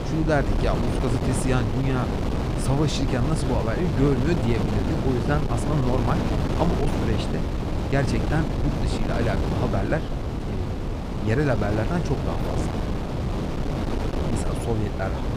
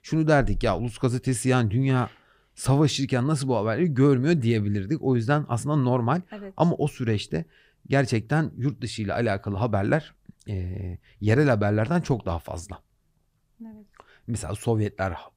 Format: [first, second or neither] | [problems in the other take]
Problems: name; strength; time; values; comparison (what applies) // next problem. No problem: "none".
second | wind noise on the microphone; heavy; 2 dB below the speech